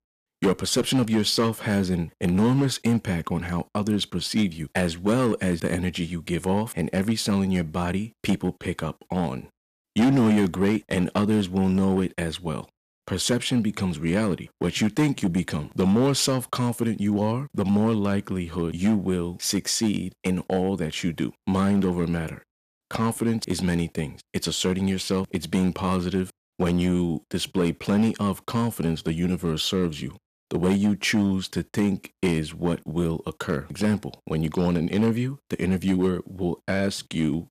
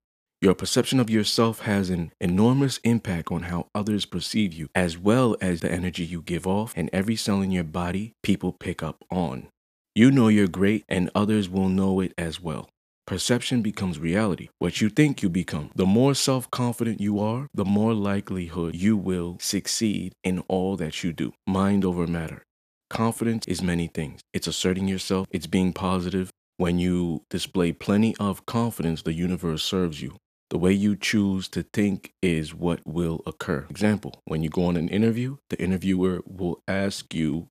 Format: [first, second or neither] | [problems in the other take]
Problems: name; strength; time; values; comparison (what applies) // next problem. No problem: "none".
second | distortion; slight; 4% of the sound clipped